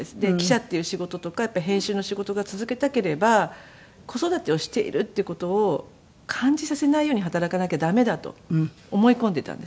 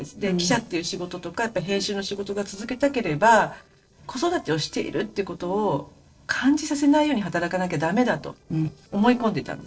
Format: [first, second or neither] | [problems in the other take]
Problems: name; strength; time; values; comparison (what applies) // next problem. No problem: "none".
first | noise reduction (neural separator model SepFormer DNS4)